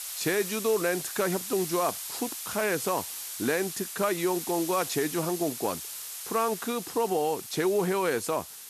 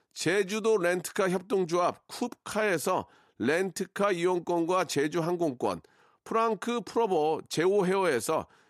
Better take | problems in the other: second | hiss; loud; throughout; 6 dB below the speech

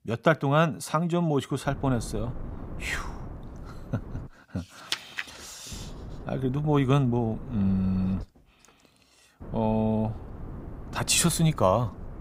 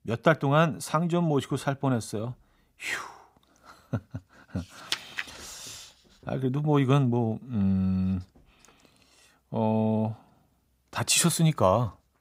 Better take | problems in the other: second | wind noise on the microphone; occasional gusts; from 1.5 to 4.5 s, from 5.5 to 8 s and from 9.5 s on; 20 dB below the speech

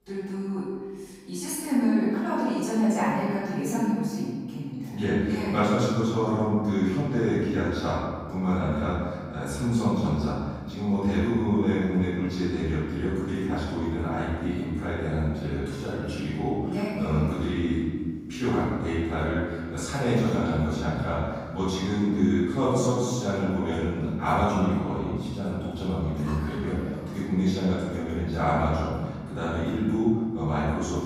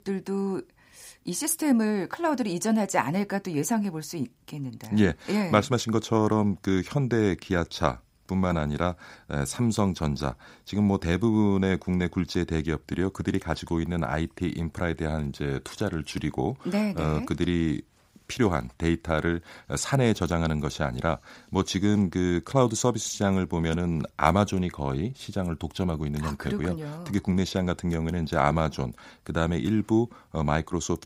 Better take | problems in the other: second | room echo; strong; dies away in 1.5 s // off-mic speech; far

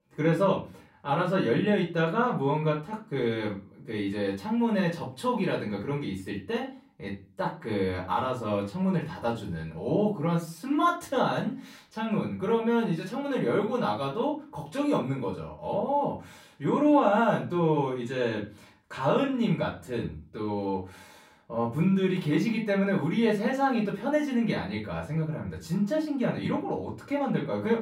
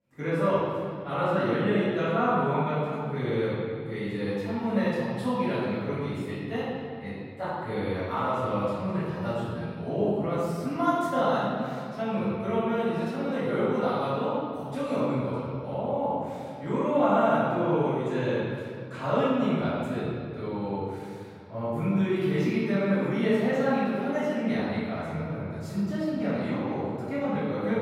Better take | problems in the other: first | room echo; strong; dies away in 2.3 s; slight in the first // off-mic speech; far; far in the first

